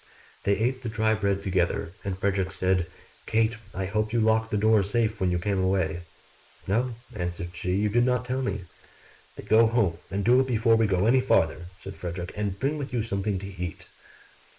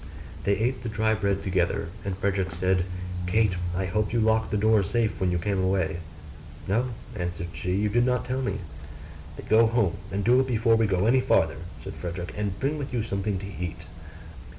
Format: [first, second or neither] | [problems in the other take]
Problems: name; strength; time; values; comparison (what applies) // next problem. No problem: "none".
second | noise reduction (neural mask model Resemble Enhance denoiser)